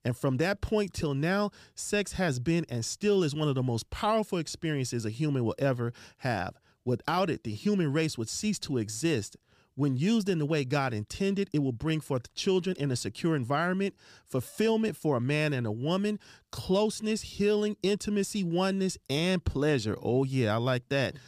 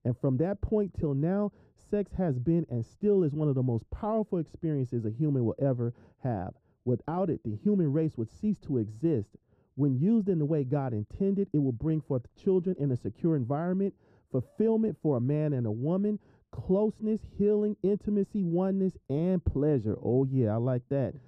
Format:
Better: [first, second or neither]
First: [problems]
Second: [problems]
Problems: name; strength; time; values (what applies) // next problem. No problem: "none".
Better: first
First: none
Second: muffled; very; fading above 1.5 kHz